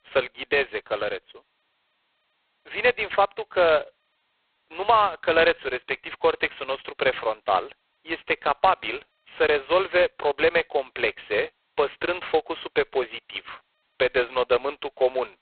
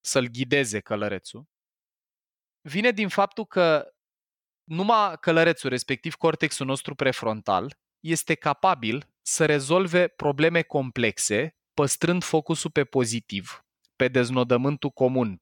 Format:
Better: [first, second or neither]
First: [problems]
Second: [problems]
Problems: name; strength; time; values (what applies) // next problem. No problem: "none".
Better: second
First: phone-call audio; poor line; nothing above 4 kHz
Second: none